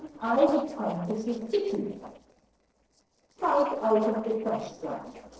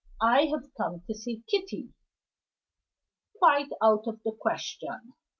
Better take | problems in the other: second | noise reduction (neural separator model SepFormer DNS4)

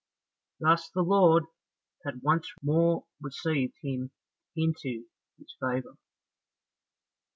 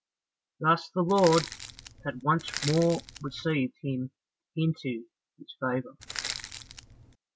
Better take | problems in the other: first | background sound (Crushing); 9 dB below the speech

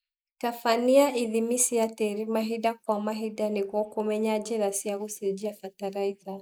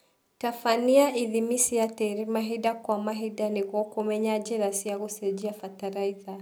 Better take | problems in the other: second | noise reduction (neural mask model Resemble Enhance denoiser)

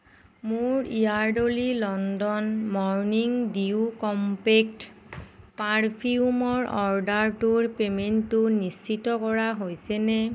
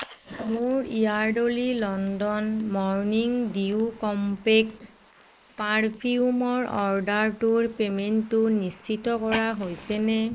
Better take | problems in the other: first | noise reduction (neural mask model Resemble Enhance denoiser)

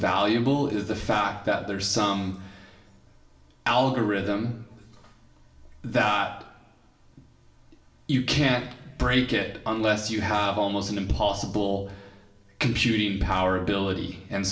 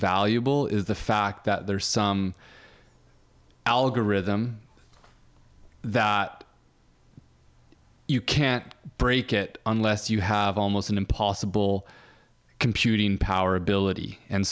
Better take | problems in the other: second | room echo; dies away in 0.7 s

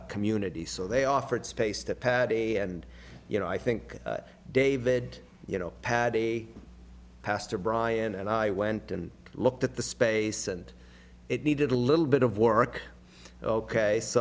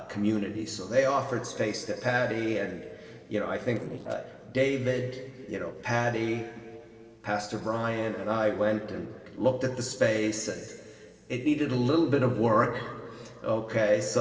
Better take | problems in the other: first | noise reduction (neural separator model SepFormer DNS4)

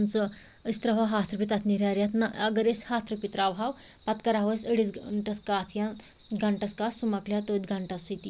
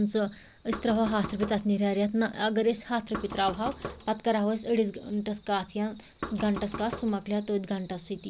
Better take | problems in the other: first | background sound (Knock); 13 dB below the speech

